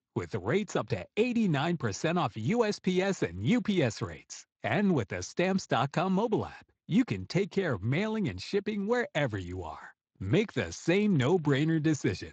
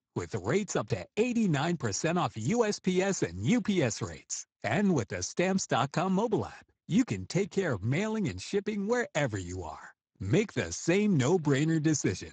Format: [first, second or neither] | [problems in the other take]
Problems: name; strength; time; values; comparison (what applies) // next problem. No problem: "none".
first | garbled, watery; badly; nothing above 7.5 kHz; slightly in the first